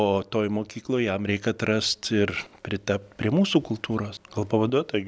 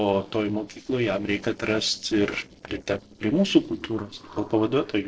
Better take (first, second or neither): first